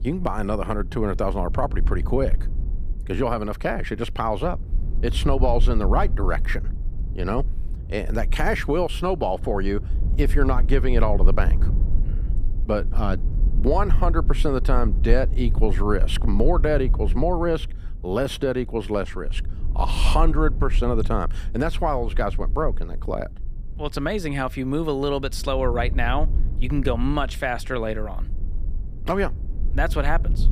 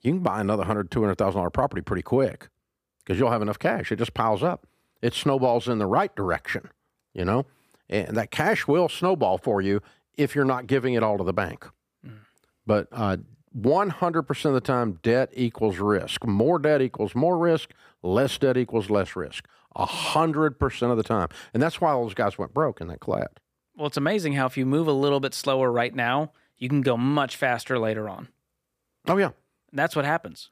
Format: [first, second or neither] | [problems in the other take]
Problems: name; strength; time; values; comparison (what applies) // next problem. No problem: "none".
second | low rumble; noticeable; throughout; 20 dB below the speech